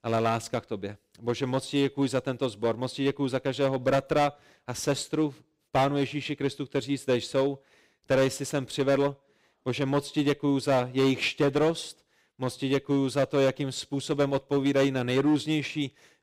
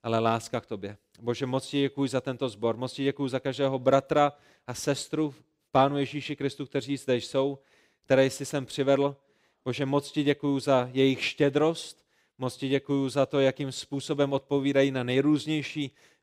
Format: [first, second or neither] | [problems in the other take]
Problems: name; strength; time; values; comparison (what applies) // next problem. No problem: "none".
second | distortion; slight; 5% of the sound clipped